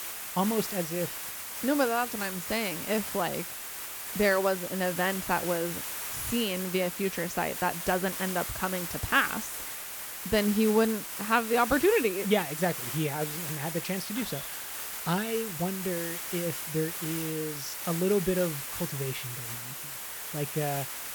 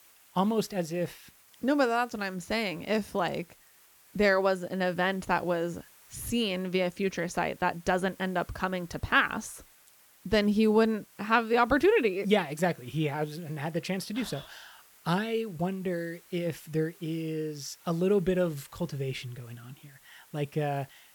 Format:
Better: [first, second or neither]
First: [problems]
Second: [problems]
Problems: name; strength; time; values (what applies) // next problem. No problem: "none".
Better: second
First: hiss; loud; throughout; 5 dB below the speech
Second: hiss; faint; throughout; 25 dB below the speech